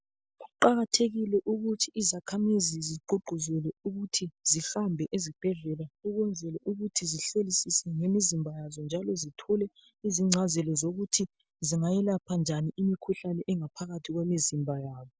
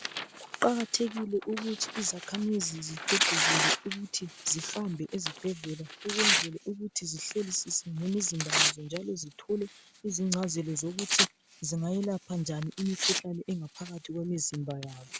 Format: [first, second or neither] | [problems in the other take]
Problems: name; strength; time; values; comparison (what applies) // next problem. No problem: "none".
first | background sound (Tearing); 1 dB below the speech